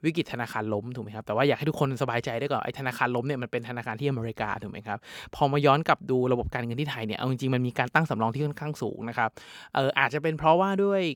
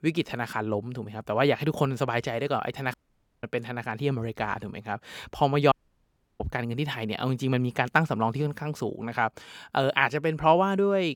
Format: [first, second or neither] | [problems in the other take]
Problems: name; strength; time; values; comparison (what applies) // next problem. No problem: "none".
first | audio cutting out; at 3 s and at 5.5 s for 0.5 s